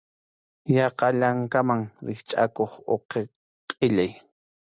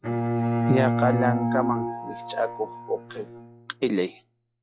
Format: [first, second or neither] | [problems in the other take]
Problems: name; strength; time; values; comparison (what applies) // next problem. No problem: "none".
first | noise reduction (classical method log-MMSE)